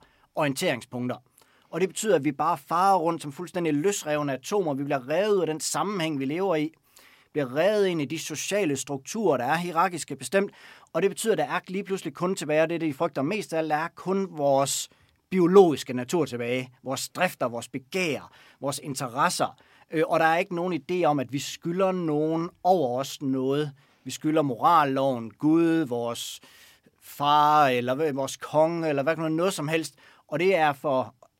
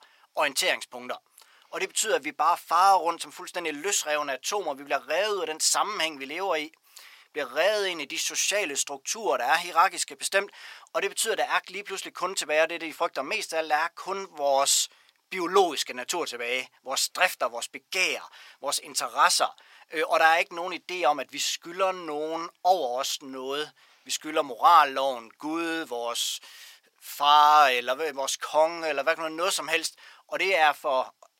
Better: first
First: none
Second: thin; very; fading below 750 Hz

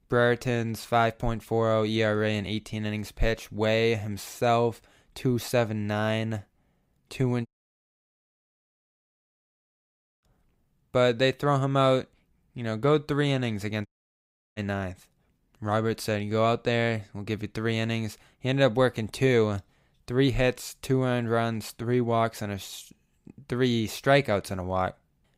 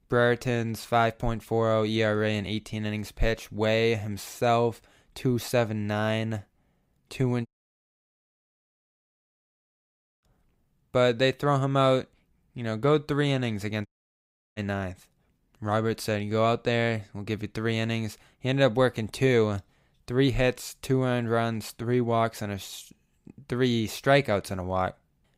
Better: neither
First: audio cutting out; at 7.5 s for 3 s and at 14 s for 0.5 s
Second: audio cutting out; at 7.5 s for 3 s and at 14 s for 0.5 s

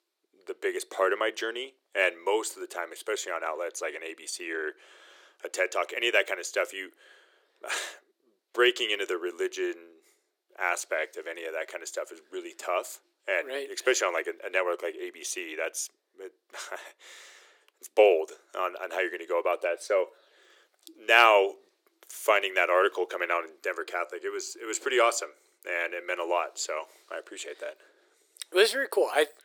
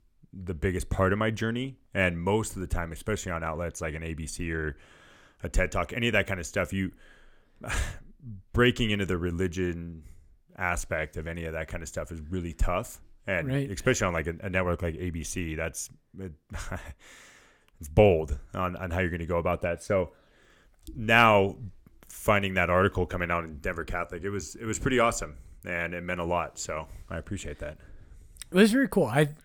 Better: second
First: thin; very; fading below 350 Hz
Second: none

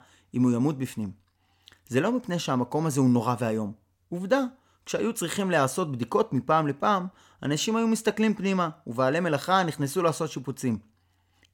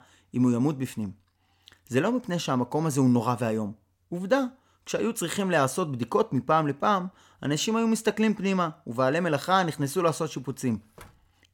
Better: first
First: none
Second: household noises; faint; throughout; 30 dB below the speech

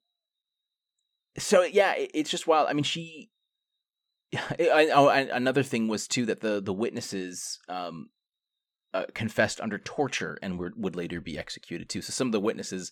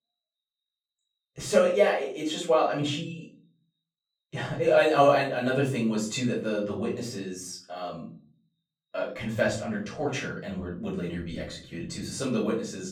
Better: first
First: none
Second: room echo; slight; dies away in 0.5 s // off-mic speech; far

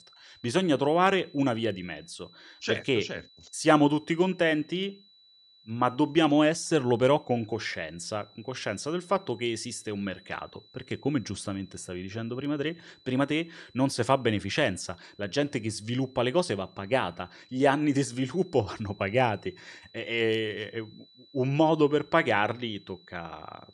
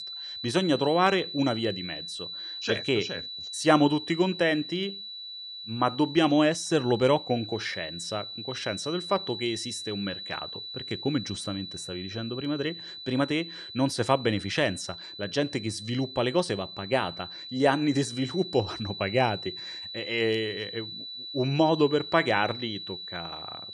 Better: first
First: high-pitched whine; faint; throughout; 4 kHz, 30 dB below the speech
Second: high-pitched whine; loud; throughout; 4 kHz, 9 dB below the speech

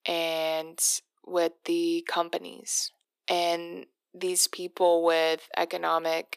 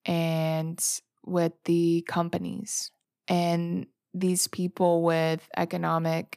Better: second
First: thin; very; fading below 400 Hz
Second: none

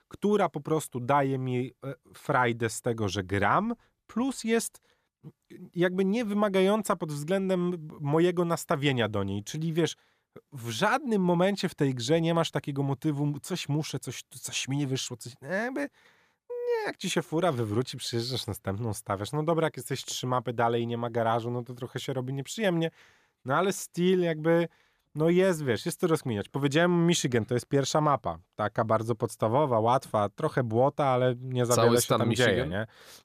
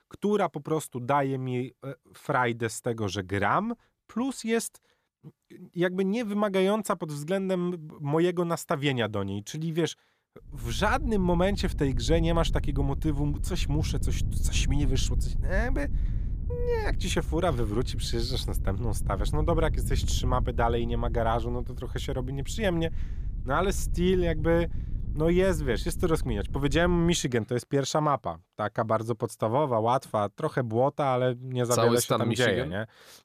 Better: first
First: none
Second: wind noise on the microphone; occasional gusts; from 11 to 27 s; 20 dB below the speech

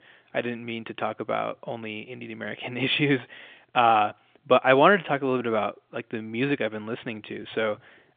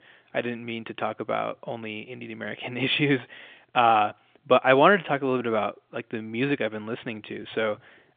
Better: neither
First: phone-call audio; nothing above 3.5 kHz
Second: phone-call audio; nothing above 3.5 kHz

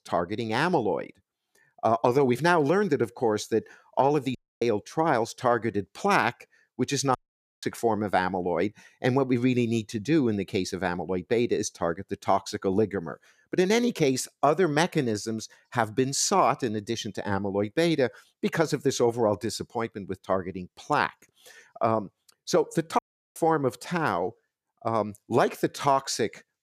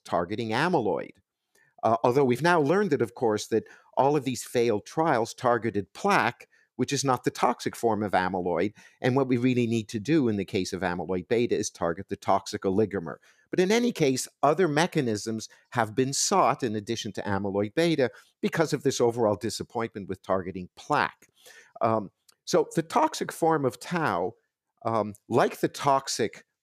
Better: second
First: audio cutting out; at 4.5 s, at 7 s and at 23 s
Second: none

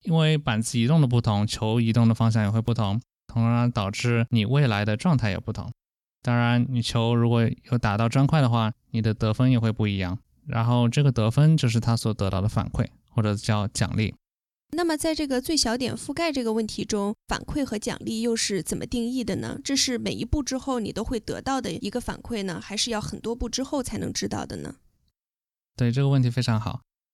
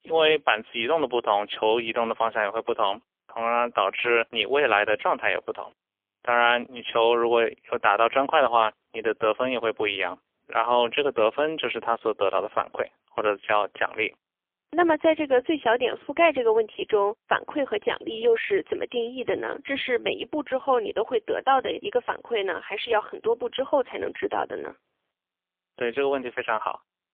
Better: first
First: none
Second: phone-call audio; poor line; nothing above 3.5 kHz

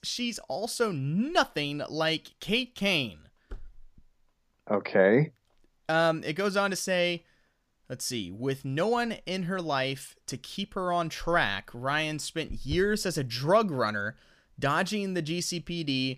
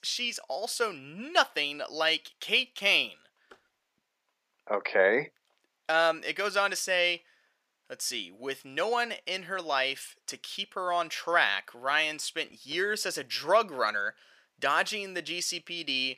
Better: first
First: none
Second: thin; very; fading below 500 Hz

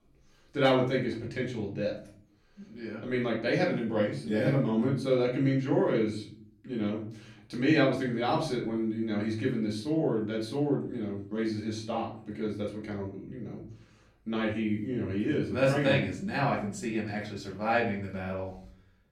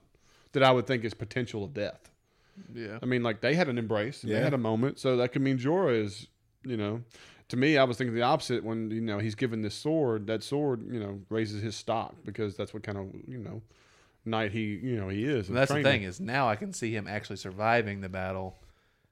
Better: second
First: off-mic speech; far // room echo; slight; dies away in 0.4 s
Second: none

